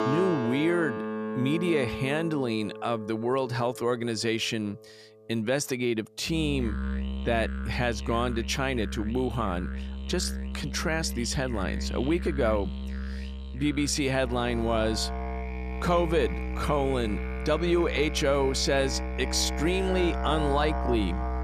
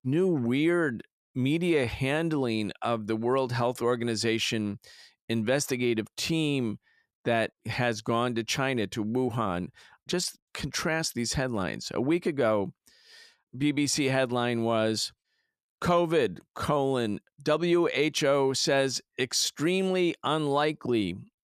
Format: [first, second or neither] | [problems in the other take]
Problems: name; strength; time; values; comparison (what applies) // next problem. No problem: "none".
second | background music; loud; throughout; 6 dB below the speech